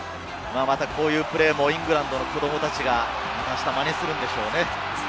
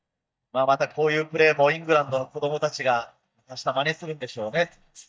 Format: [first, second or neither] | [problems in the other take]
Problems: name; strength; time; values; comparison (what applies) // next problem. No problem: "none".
first | noise reduction (neural mask model DeepFilterNet 3)